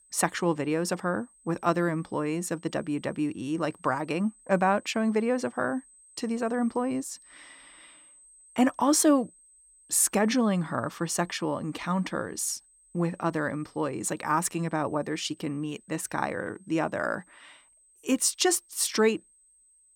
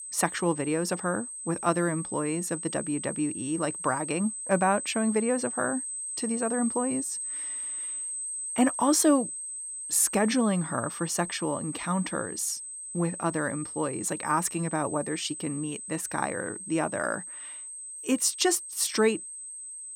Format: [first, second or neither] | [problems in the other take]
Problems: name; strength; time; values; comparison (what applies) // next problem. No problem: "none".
first | high-pitched whine; loud; throughout; 8 kHz, 6 dB below the speech; faint in the first